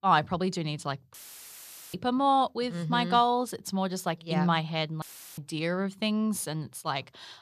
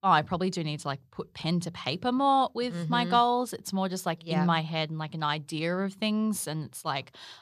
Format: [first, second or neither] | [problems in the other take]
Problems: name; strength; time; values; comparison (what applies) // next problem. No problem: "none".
second | audio cutting out; filled with static; at 1 s for 1 s and at 5 s